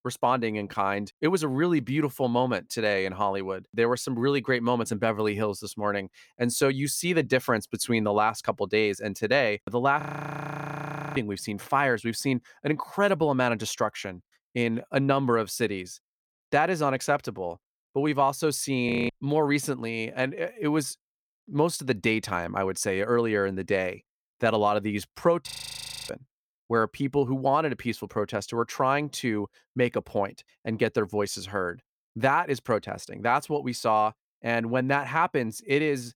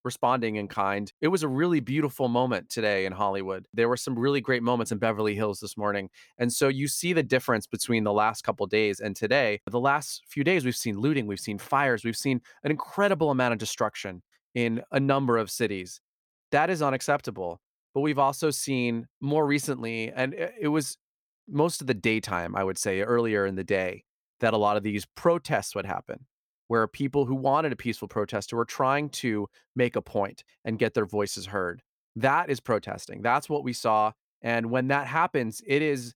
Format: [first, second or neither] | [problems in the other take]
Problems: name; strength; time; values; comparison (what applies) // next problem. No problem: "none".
second | audio freezing; at 10 s for 1 s, at 19 s and at 25 s for 0.5 s